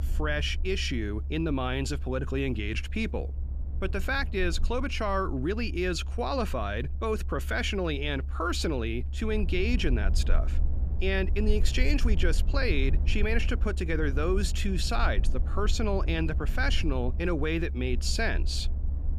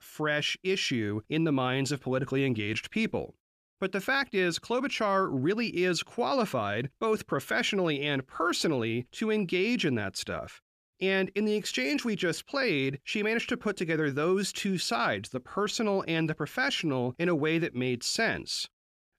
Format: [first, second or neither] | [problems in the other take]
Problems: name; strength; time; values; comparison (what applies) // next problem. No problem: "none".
second | low rumble; noticeable; throughout; 20 dB below the speech